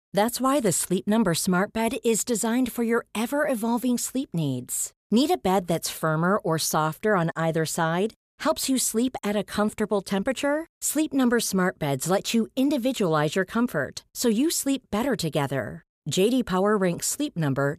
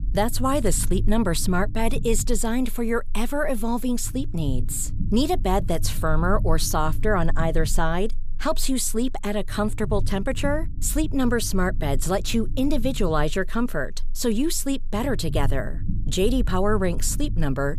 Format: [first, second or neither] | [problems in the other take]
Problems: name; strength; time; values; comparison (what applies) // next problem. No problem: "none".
first | low rumble; noticeable; throughout; 20 dB below the speech